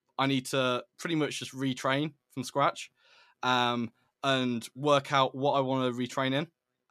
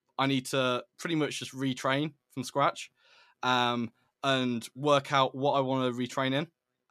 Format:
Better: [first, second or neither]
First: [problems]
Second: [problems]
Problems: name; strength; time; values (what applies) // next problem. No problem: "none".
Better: neither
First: none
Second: none